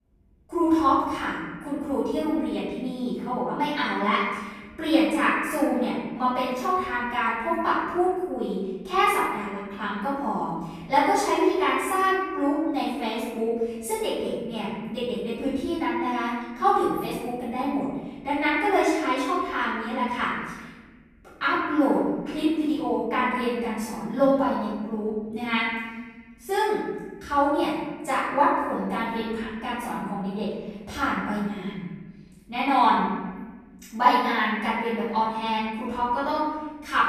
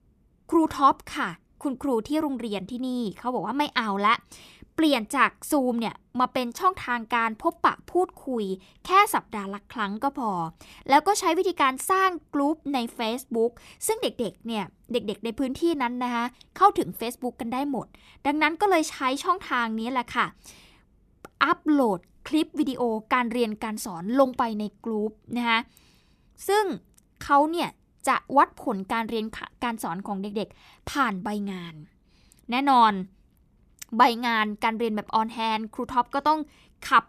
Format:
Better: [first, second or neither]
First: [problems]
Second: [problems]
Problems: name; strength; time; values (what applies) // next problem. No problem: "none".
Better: second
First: room echo; strong; dies away in 1.3 s // off-mic speech; far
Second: none